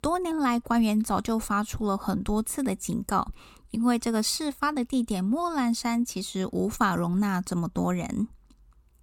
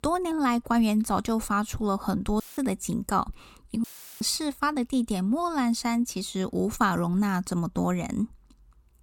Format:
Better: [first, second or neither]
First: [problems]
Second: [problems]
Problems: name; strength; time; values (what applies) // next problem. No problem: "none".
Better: first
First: none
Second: audio cutting out; filled with static; at 2.5 s and at 4 s